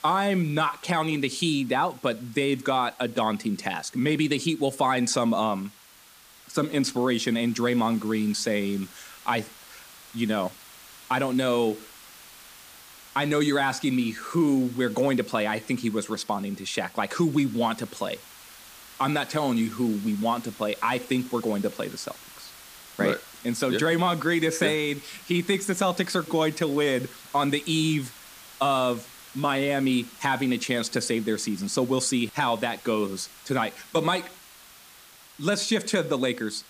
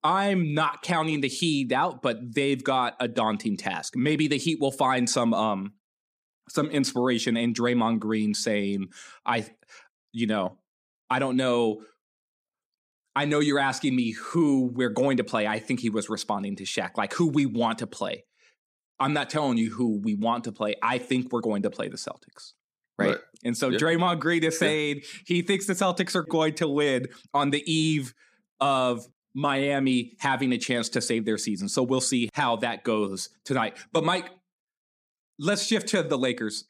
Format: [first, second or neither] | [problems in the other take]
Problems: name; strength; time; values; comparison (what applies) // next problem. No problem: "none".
second | hiss; noticeable; throughout; 20 dB below the speech